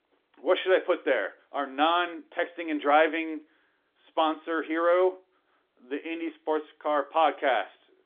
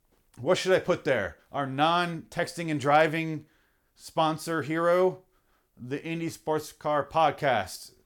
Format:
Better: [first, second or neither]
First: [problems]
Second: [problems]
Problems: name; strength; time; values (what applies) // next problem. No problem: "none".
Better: second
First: phone-call audio; nothing above 3.5 kHz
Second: none